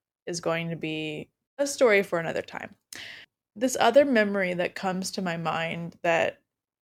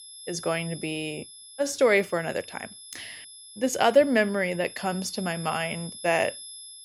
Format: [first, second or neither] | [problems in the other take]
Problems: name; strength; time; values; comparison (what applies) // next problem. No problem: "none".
first | high-pitched whine; noticeable; throughout; 11 kHz, 15 dB below the speech